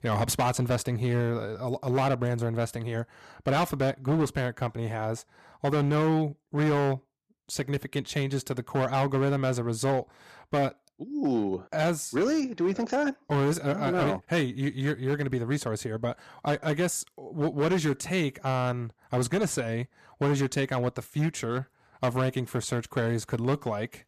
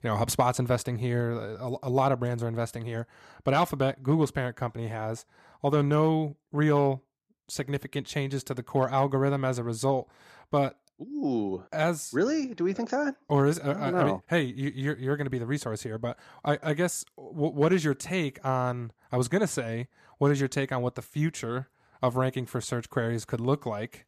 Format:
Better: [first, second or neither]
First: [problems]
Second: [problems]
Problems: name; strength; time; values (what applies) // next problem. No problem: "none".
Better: second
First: distortion; slight; 8% of the sound clipped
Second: none